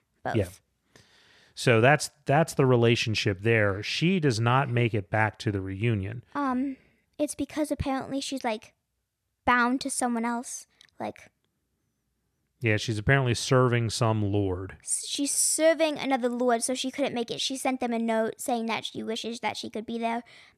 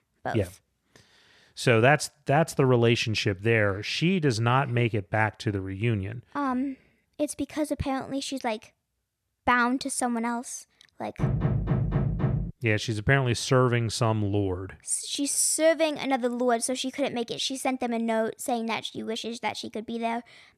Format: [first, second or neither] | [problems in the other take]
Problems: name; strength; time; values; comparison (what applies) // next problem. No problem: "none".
first | door banging; noticeable; from 11 to 13 s; peak level with the speech